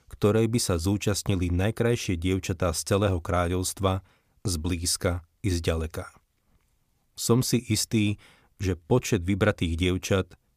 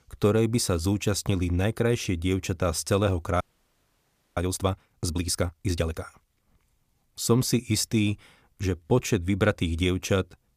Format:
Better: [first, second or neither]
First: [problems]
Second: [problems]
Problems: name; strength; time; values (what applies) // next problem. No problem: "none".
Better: first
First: none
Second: audio freezing; at 3.5 s for 1 s